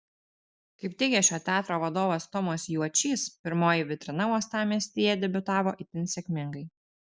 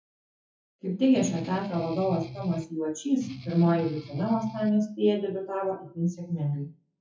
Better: first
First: none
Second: noise reduction (classical method WPE with log-MMSE)

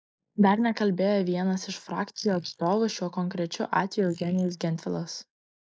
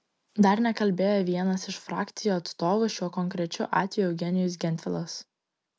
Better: second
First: noise reduction (neural mask model Resemble Enhance denoiser)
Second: none

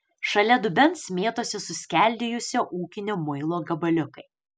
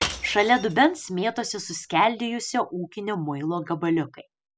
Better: first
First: none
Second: background sound (Shatter / Crushing); 12 dB below the speech

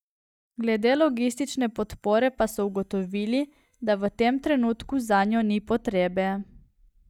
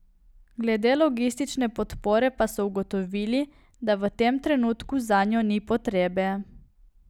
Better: second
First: noise reduction (neural mask model DeepFilterNet 3)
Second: none

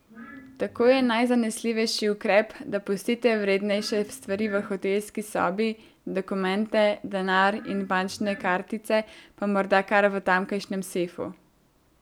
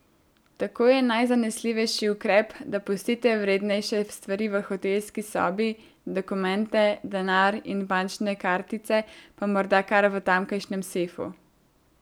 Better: second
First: background sound (Glass); 18 dB below the speech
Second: none

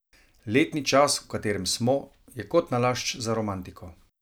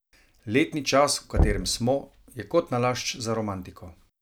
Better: first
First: none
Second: background sound (Knock); 3 dB below the speech

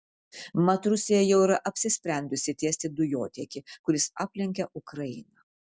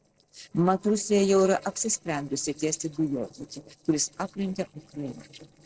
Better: first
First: none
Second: noise reduction (neural separator model SepFormer DNS4)

